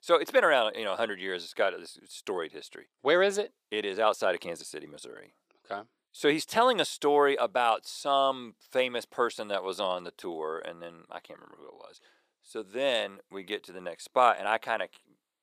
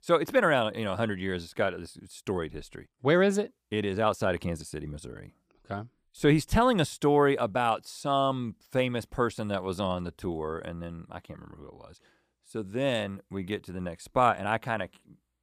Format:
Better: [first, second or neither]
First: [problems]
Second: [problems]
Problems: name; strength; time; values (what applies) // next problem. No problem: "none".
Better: second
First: thin; somewhat; fading below 500 Hz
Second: none